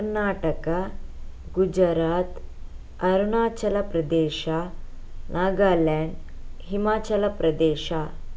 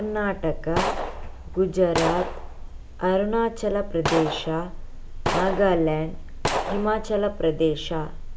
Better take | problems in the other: first | background sound (Gunshot, gunfire); 7 dB below the speech

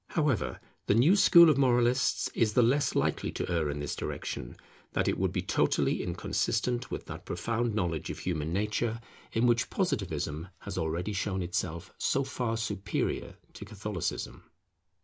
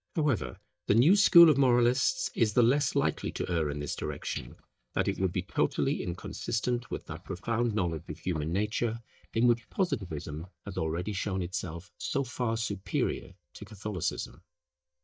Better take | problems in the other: first | noise reduction (neural mask model DeepFilterNet 3)

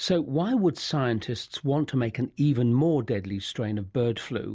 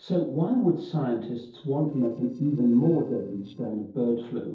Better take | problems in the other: first | noise reduction (neural separator model SepFormer DNS4)

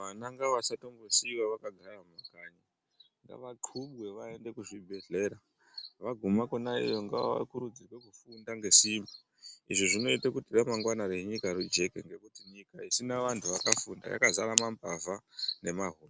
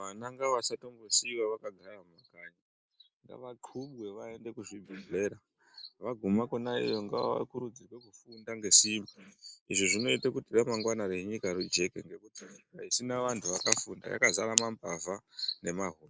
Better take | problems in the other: first | noise reduction (neural mask model Resemble Enhance denoiser)

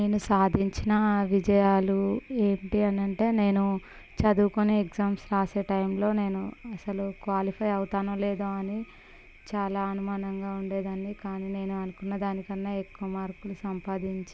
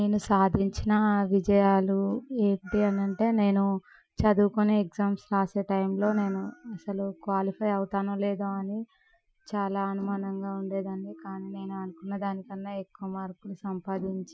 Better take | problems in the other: first | noise reduction (classical method Wiener filter)

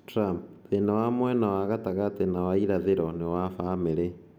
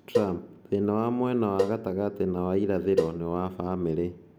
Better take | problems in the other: first | background sound (Cowbell); 7 dB below the speech

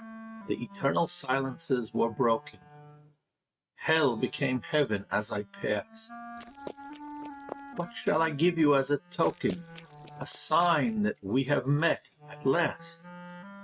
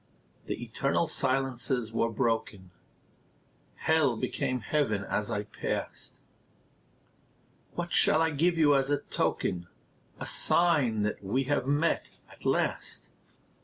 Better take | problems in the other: second | noise reduction (neural mask model RNNoise)

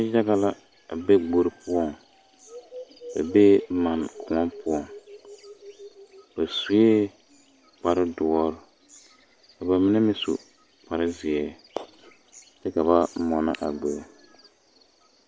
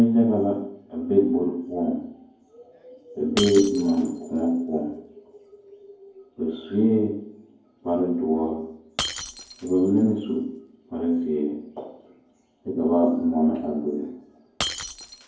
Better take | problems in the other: first | background sound (Shatter); 15 dB below the speech // room echo; dies away in 0.9 s

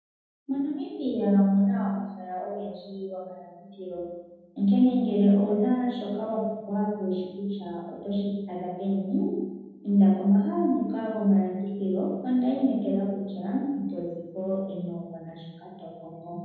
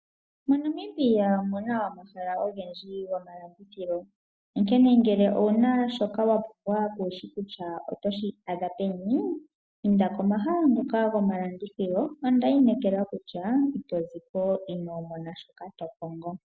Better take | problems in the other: second | room echo; dies away in 1.3 s

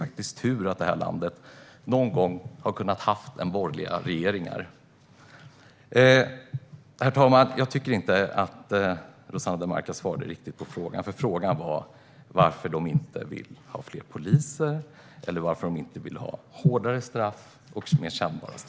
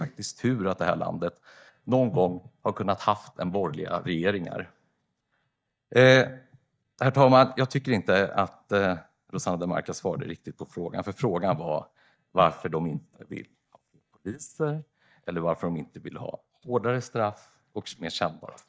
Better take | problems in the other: first | noise reduction (neural mask model DeepFilterNet 3)

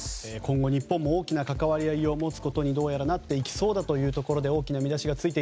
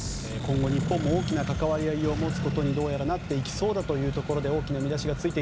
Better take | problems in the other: first | background sound (Accelerating, revving, vroom); 5 dB below the speech

